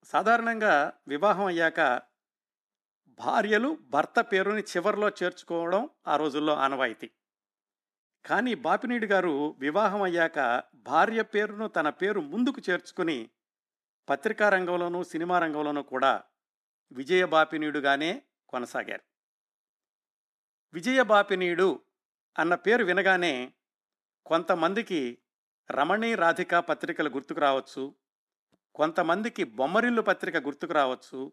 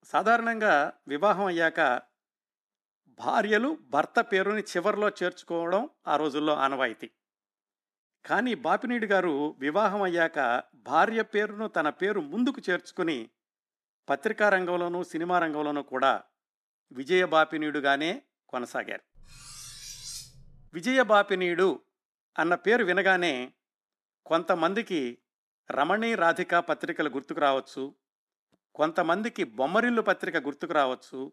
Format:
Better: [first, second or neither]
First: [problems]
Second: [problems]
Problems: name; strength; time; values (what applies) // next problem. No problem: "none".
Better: first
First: none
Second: clattering dishes; faint; from 19 to 21 s; peak 10 dB below the speech